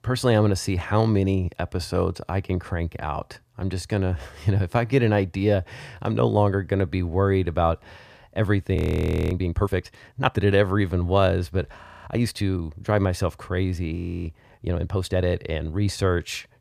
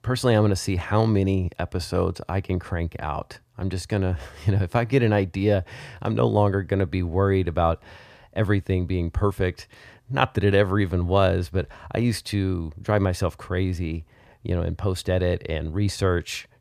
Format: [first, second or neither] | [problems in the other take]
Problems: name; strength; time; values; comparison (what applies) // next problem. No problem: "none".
second | audio freezing; at 9 s for 0.5 s, at 12 s and at 14 s